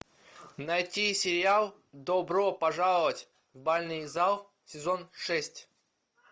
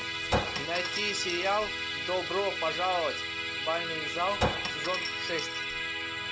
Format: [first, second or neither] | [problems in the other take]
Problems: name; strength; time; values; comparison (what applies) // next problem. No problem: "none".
first | background sound (Chink, clink + Musical instrument); 1 dB above the speech